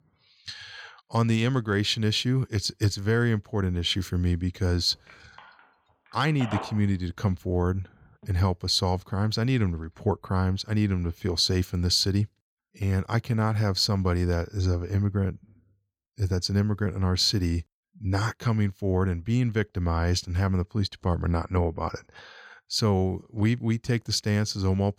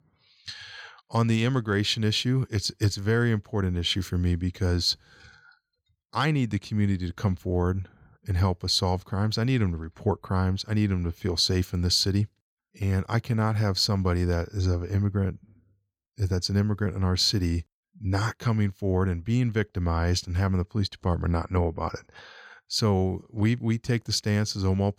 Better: second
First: phone ringing; noticeable; from 5 to 8.5 s; peak 9 dB below the speech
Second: none

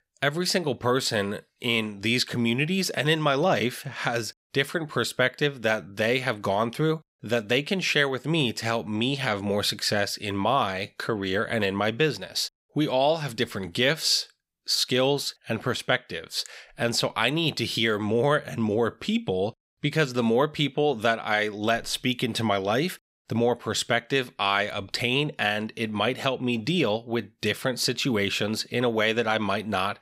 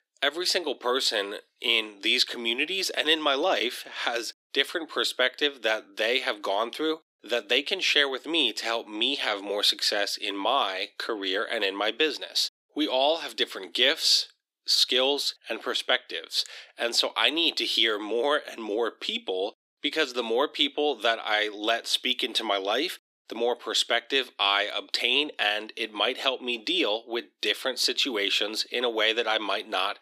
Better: first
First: none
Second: thin; somewhat; fading below 300 Hz

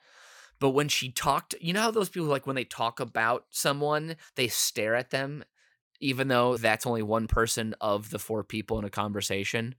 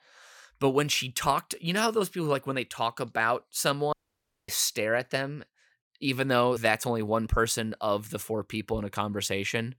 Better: first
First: none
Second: audio cutting out; at 4 s for 0.5 s

